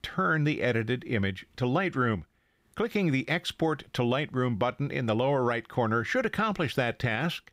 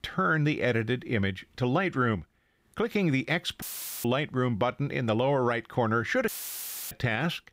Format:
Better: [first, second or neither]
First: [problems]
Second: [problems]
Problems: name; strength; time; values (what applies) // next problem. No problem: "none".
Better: first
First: none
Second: audio cutting out; filled with static; at 3.5 s and at 6.5 s for 0.5 s